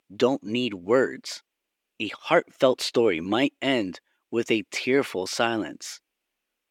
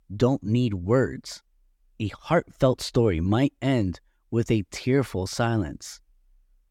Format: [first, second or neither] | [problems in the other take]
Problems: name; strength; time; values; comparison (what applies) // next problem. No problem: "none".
second | thin; somewhat; fading below 350 Hz